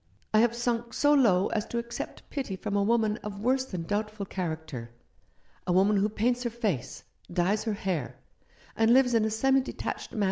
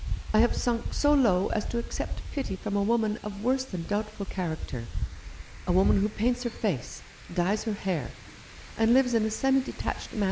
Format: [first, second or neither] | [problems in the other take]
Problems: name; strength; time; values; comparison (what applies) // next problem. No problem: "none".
first | background sound (Wind); 6 dB below the speech